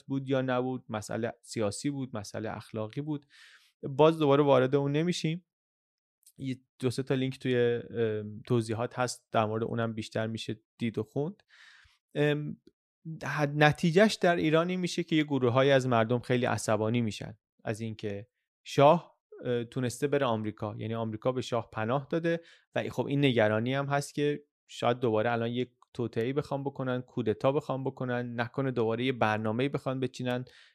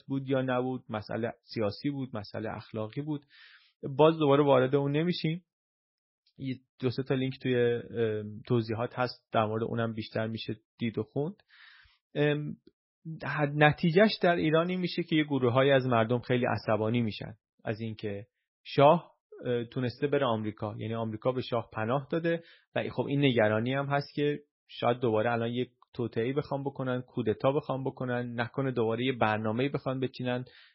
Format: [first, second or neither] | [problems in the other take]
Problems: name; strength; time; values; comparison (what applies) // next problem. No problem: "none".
first | garbled, watery; badly; nothing above 5.5 kHz